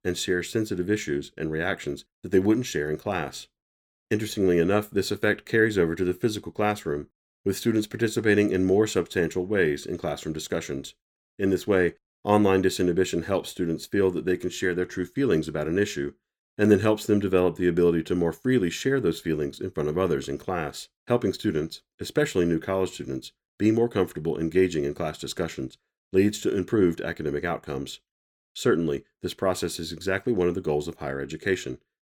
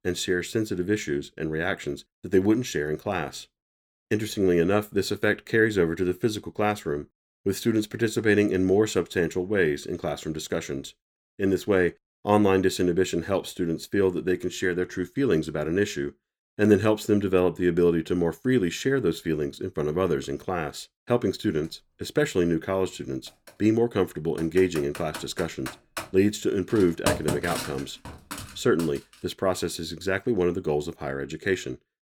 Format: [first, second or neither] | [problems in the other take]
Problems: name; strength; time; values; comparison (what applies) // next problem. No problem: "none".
first | keyboard typing; noticeable; from 24 to 29 s; peak 1 dB below the speech